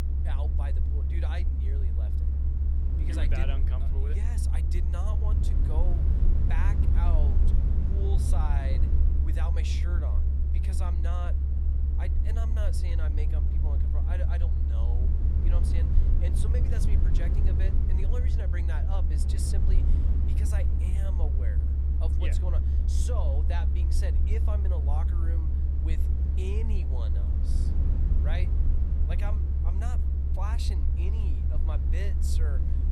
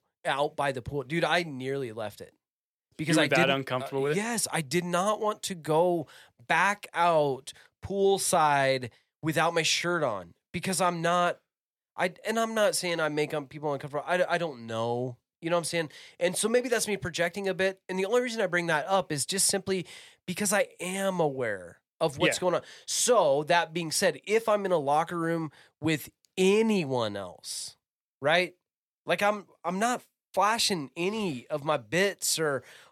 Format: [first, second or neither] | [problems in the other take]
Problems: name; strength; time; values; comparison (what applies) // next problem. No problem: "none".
second | low rumble; loud; throughout; 1 dB below the speech